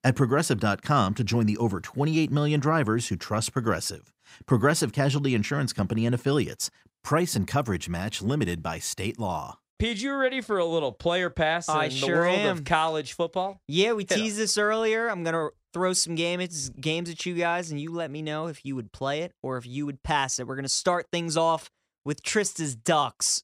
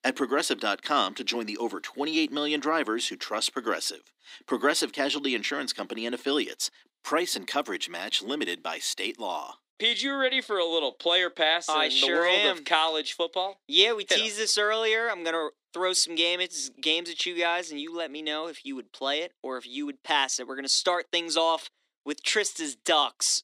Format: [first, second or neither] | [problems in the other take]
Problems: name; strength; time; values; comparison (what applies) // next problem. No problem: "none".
first | thin; somewhat; fading below 250 Hz